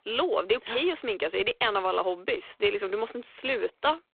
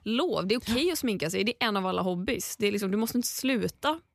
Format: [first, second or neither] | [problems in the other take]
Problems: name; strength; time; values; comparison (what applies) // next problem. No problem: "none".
second | phone-call audio; poor line